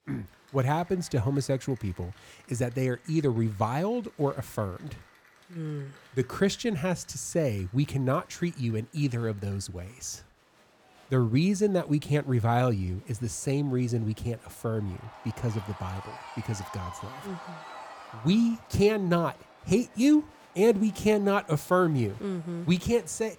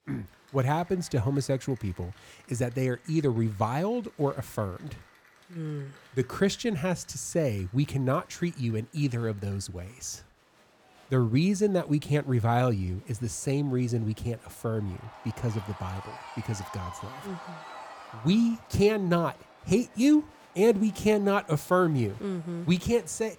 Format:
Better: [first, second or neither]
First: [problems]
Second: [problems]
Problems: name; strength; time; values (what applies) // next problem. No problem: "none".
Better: neither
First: crowd noise; faint; throughout; 20 dB below the speech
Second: crowd noise; faint; throughout; 20 dB below the speech